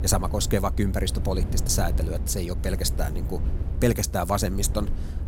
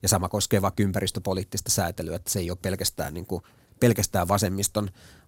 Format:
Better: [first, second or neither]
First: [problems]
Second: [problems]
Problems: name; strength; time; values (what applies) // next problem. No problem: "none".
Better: second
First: low rumble; noticeable; throughout; 15 dB below the speech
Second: none